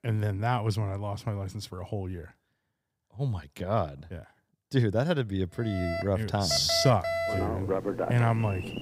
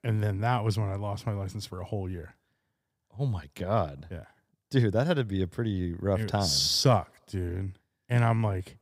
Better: second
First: alarms or sirens; loud; from 6 s on; 4 dB below the speech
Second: none

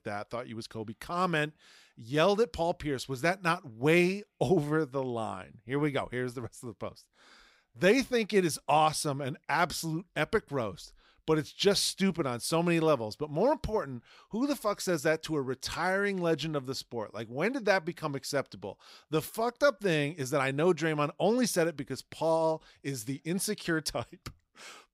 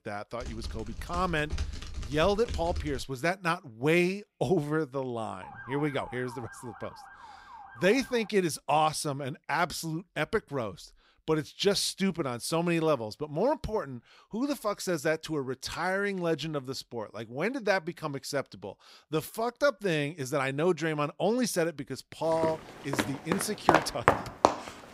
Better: first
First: none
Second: keyboard typing; noticeable; until 3 s; peak 7 dB below the speech // siren; faint; from 5.5 to 8.5 s; peak 10 dB below the speech // footsteps; loud; from 22 s on; peak 6 dB above the speech

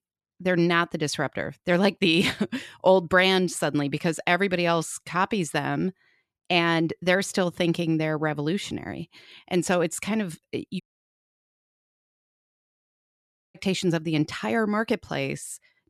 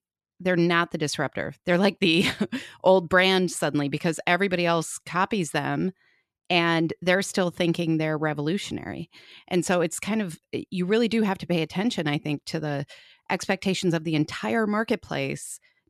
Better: second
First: audio cutting out; at 11 s for 2.5 s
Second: none

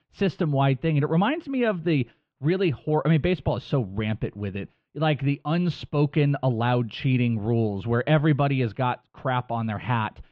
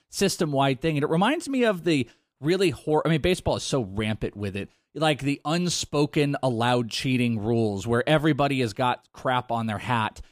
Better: second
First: muffled; slightly; fading above 3 kHz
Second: none

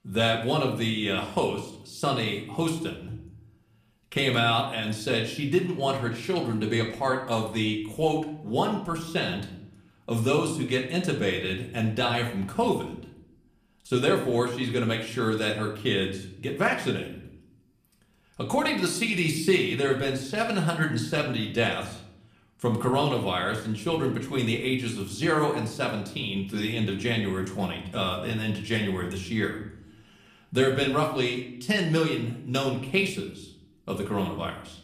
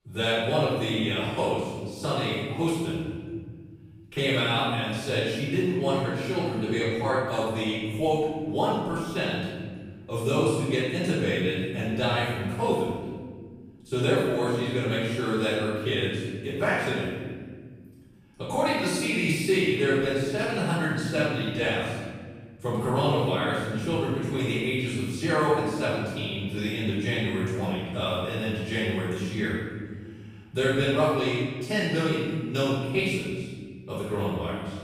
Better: first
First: room echo; slight; dies away in 0.6 s // off-mic speech; somewhat distant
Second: room echo; strong; dies away in 1.7 s // off-mic speech; far

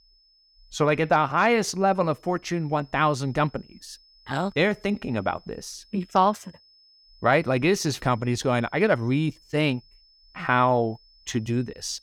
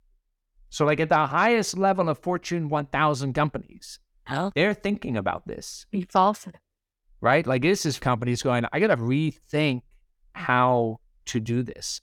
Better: second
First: high-pitched whine; faint; throughout; 5 kHz, 30 dB below the speech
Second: none

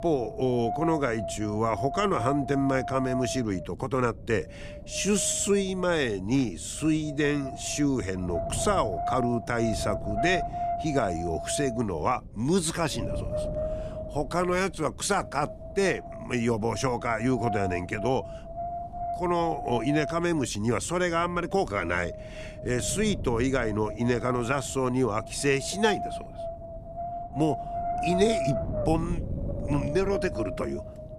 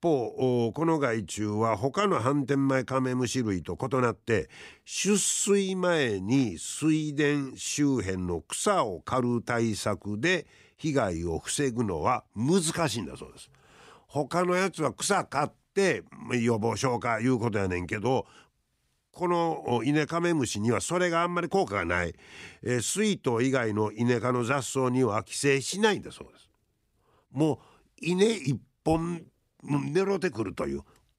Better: second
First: wind noise on the microphone; heavy; 5 dB below the speech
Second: none

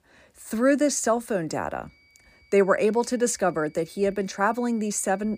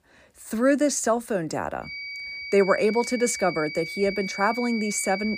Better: first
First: high-pitched whine; faint; from 2 s on; 2.5 kHz, 30 dB below the speech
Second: high-pitched whine; loud; from 2 s on; 2.5 kHz, 8 dB below the speech

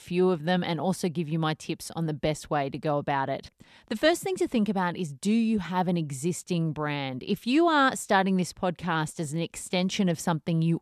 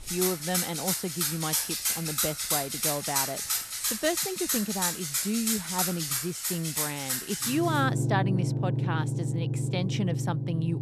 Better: first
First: none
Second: background music; very loud; throughout; 4 dB above the speech

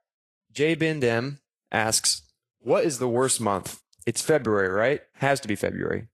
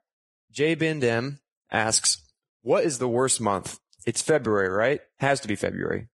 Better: first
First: garbled, watery; slightly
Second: garbled, watery; badly; nothing above 10 kHz

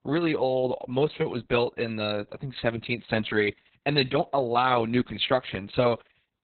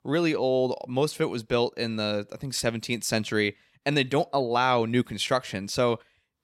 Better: second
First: garbled, watery; badly; nothing above 4 kHz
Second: none

